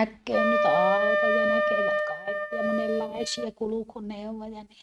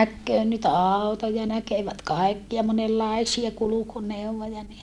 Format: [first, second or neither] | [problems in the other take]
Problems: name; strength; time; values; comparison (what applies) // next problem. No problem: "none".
second | noise reduction (neural mask model RNNoise)